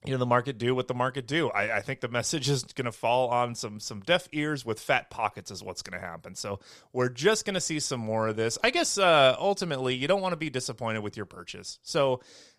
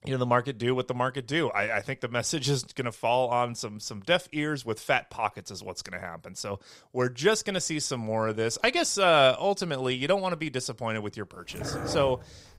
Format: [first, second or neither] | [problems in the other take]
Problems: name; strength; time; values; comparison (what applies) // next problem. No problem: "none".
first | dog barking; noticeable; from 12 s on; peak 6 dB below the speech